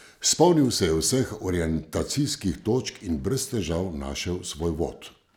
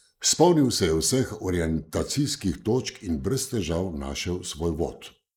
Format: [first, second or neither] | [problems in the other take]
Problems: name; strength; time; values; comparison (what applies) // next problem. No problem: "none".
first | noise reduction (neural mask model Resemble Enhance denoiser)